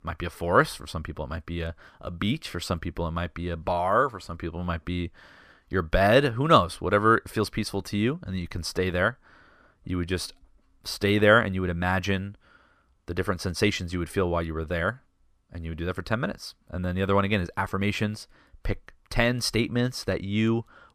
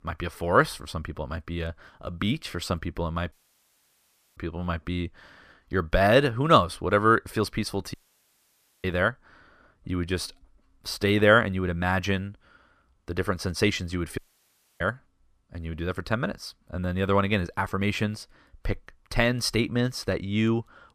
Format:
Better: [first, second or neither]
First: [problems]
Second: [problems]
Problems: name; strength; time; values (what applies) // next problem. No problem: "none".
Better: first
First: none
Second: audio cutting out; at 3.5 s for 1 s, at 8 s for 1 s and at 14 s for 0.5 s